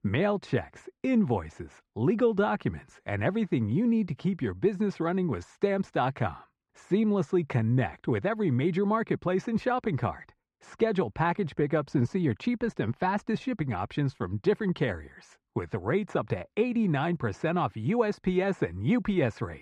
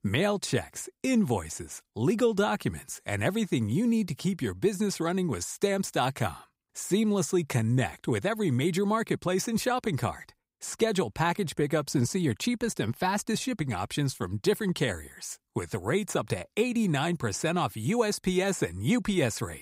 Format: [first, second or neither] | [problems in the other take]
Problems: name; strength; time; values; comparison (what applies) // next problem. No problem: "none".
second | muffled; very; fading above 2 kHz